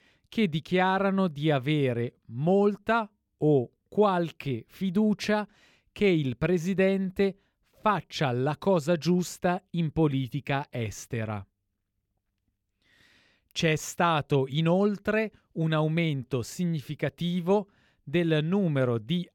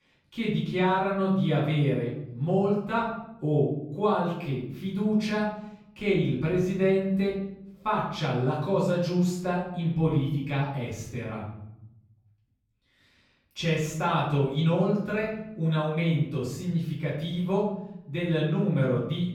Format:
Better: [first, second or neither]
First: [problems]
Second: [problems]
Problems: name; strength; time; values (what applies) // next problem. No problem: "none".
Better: first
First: none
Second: off-mic speech; far // room echo; noticeable; dies away in 0.8 s